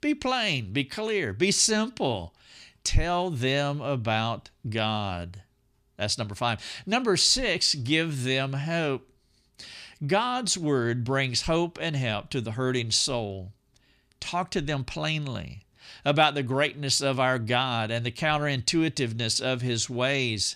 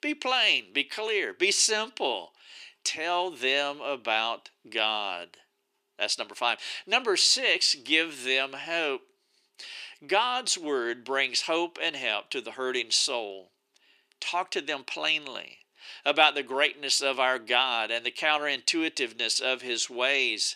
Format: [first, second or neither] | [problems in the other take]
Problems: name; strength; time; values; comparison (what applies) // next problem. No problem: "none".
first | thin; very; fading below 350 Hz